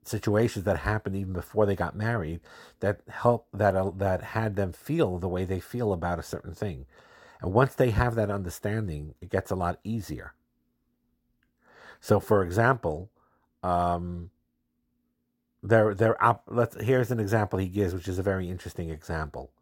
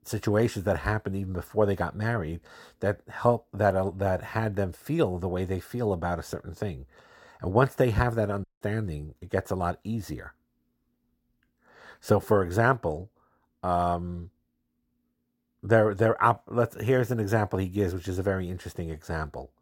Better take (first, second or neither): first